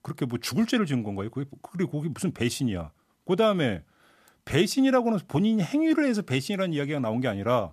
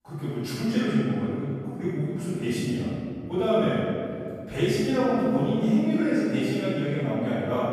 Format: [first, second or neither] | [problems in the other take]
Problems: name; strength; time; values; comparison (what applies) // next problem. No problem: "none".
first | off-mic speech; far // room echo; strong; dies away in 2.4 s